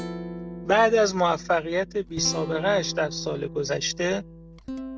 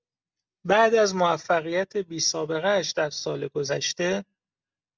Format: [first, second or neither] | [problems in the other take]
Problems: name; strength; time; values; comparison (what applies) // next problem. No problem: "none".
second | background sound (Guitar); 11 dB below the speech